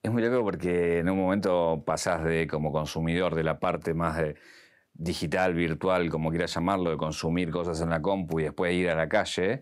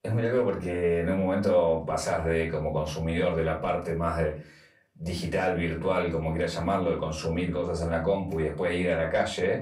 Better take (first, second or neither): first